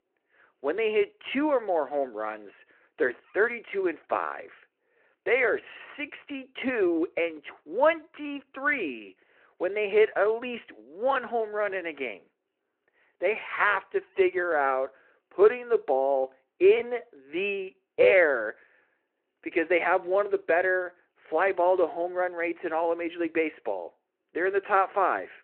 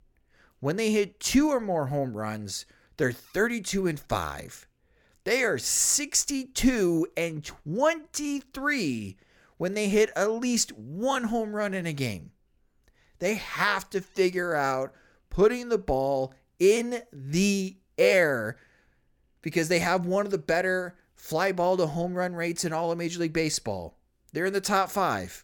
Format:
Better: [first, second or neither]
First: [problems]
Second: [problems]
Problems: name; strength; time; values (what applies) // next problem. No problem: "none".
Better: second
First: phone-call audio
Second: none